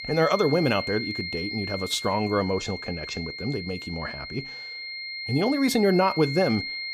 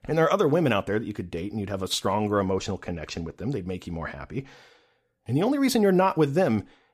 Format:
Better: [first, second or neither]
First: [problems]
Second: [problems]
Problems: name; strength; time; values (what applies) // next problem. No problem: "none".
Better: second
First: high-pitched whine; loud; throughout; 2 kHz, 7 dB below the speech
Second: none